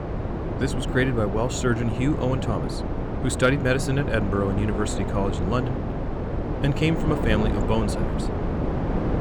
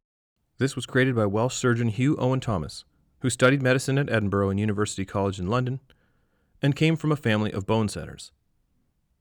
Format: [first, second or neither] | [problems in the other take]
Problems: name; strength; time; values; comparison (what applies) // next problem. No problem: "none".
second | wind noise on the microphone; heavy; 5 dB below the speech